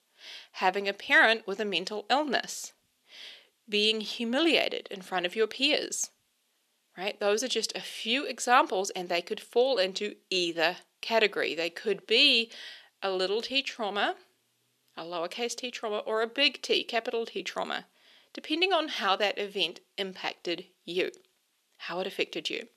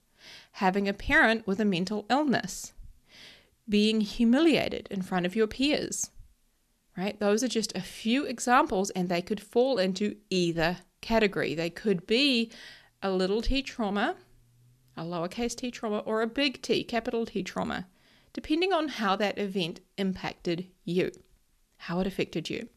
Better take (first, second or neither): second